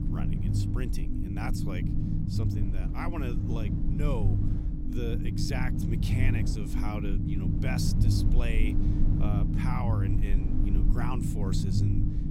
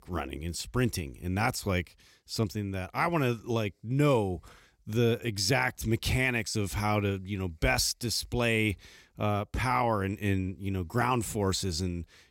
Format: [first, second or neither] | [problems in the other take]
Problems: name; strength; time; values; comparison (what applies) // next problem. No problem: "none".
second | low rumble; loud; throughout; as loud as the speech